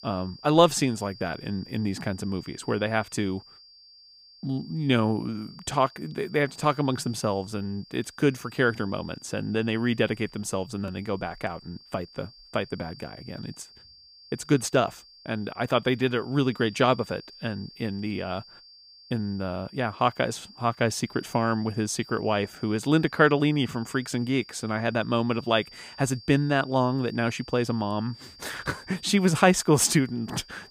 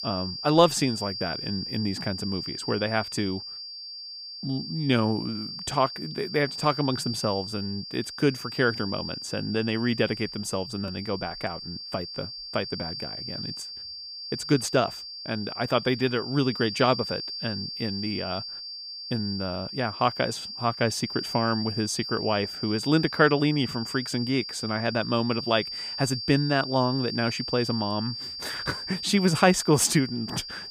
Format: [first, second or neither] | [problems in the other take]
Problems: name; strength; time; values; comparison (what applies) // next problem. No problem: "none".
first | high-pitched whine; loud; throughout; 4.5 kHz, 7 dB below the speech; faint in the first